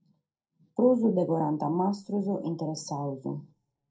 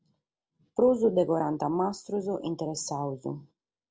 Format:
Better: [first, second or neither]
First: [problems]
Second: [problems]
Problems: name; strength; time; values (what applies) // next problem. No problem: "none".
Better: second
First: room echo; dies away in 0.2 s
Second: none